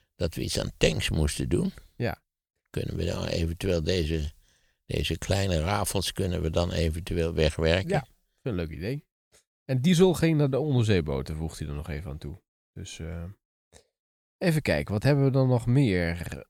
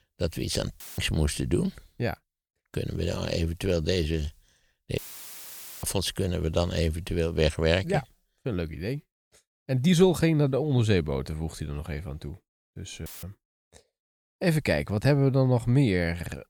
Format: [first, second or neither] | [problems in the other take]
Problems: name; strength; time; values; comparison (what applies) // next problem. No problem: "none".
first | audio cutting out; filled with static; at 1 s, at 5 s for 1 s and at 13 s